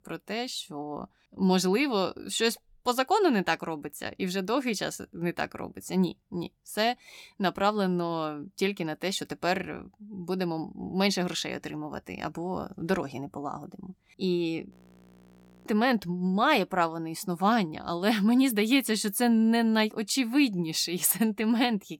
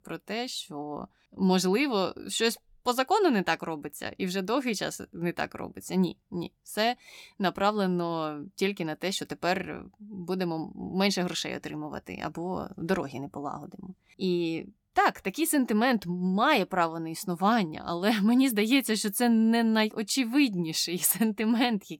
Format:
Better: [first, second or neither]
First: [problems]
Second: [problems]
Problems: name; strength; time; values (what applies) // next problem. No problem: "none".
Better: second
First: audio freezing; at 15 s for 1 s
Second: none